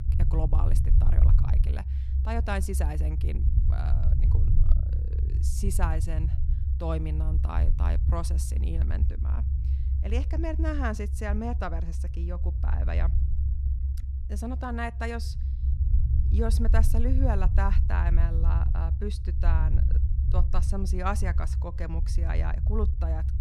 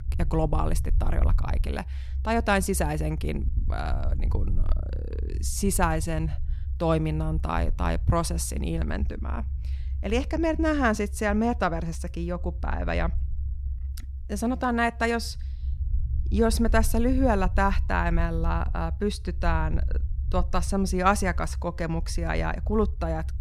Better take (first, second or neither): second